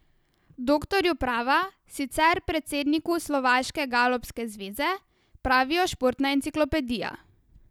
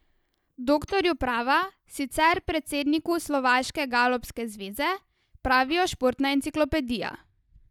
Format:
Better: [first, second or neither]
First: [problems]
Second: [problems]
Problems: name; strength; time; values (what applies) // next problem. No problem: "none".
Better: first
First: none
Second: noise reduction (neural mask model DeepFilterNet 3)